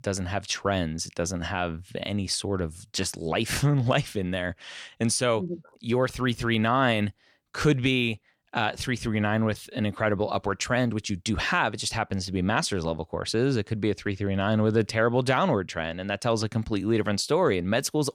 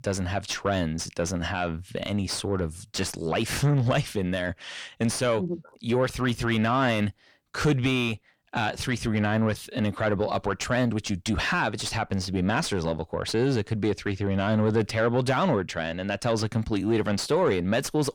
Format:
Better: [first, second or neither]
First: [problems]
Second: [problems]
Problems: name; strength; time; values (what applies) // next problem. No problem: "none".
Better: first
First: none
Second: distortion; slight; 10 dB below the speech